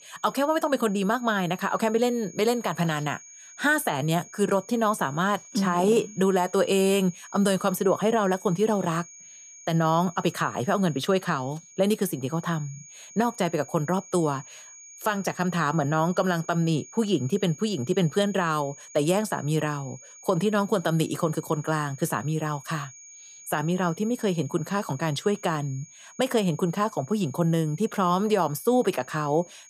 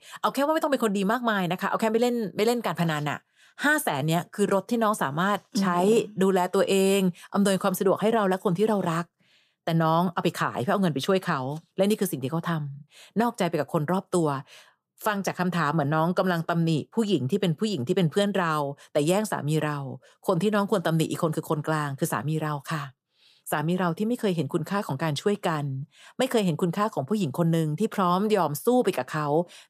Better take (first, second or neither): second